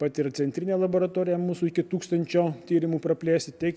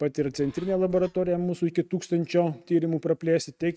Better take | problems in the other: first | noise reduction (neural mask model RNNoise)

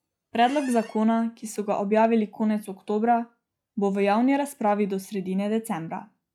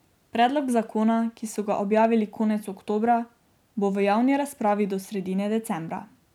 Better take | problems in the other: second | noise reduction (classical method log-MMSE)

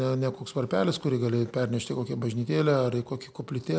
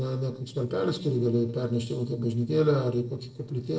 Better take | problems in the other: first | noise reduction (neural separator model SepFormer DNS4)

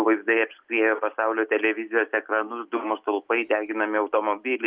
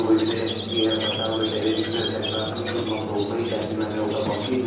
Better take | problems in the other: first | background sound (Squeak); 4 dB below the speech // room echo; dies away in 0.8 s

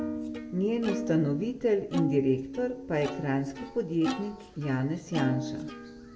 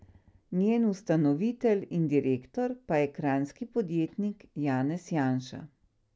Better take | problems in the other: second | background sound (Plucked string instrument); 6 dB below the speech // room echo; dies away in 0.6 s

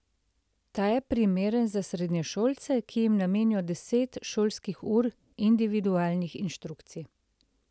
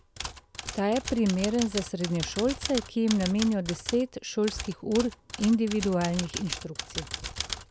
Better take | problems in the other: first | background sound (Typewriter); 9 dB below the speech

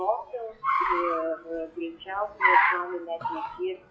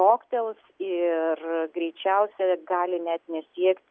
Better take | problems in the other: second | noise reduction (classical method WPE with log-MMSE)

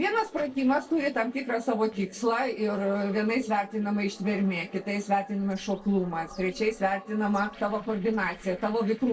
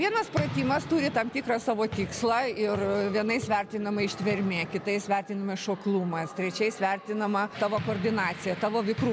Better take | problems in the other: second | noise reduction (neural separator model SepFormer DNS4)

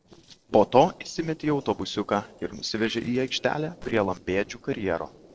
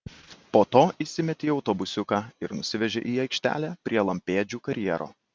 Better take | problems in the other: second | noise reduction (neural separator model SepFormer DNS4)

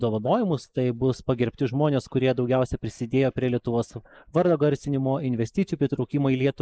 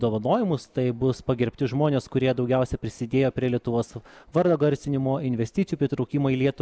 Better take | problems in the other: second | noise reduction (neural mask model Resemble Enhance denoiser)

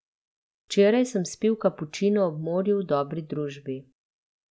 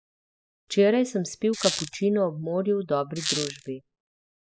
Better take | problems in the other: first | noise reduction (classical method spectral subtraction)

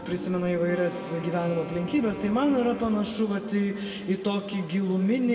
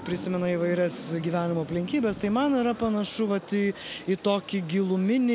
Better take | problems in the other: second | background sound (Wind instrument, woodwind instrument); 17 dB below the speech // room echo; dies away in 1.8 s

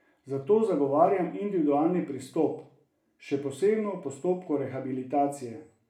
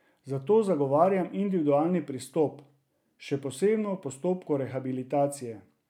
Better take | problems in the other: second | room echo; dies away in 0.4 s

